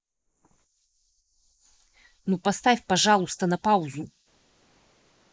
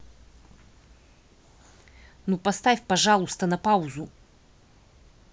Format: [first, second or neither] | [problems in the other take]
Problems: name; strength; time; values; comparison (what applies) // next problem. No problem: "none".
second | noise reduction (neural mask model Resemble Enhance denoiser)